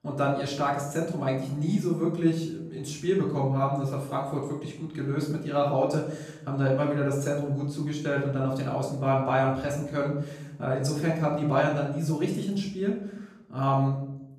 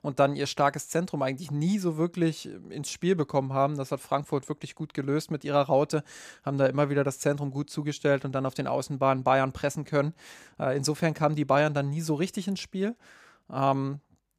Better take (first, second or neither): second